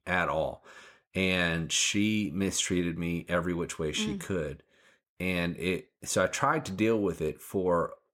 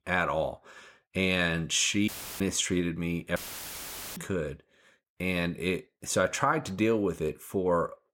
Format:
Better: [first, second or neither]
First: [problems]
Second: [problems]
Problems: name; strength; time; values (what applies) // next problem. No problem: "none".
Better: first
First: none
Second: audio cutting out; filled with static; at 2 s and at 3.5 s for 1 s